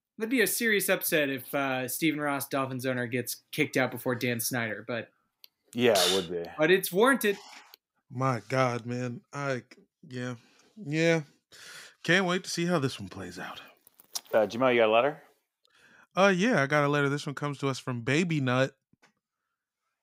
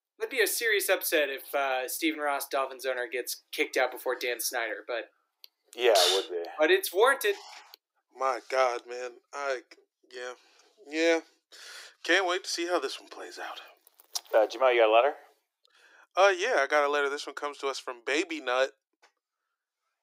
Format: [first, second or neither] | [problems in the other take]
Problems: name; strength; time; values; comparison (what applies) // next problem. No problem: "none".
first | thin; very; fading below 300 Hz